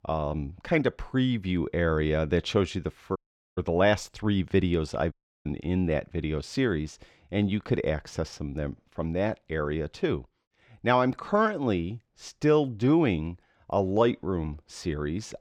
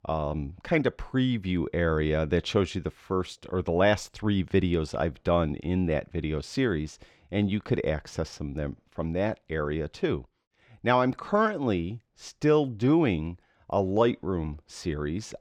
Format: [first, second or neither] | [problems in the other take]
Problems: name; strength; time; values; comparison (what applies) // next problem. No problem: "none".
second | audio cutting out; at 3 s and at 5 s